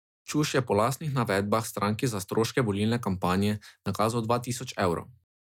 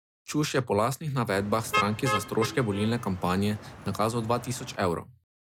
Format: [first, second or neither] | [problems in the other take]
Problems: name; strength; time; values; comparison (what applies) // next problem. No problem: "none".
first | background sound (Motor vehicle (road)); 7 dB below the speech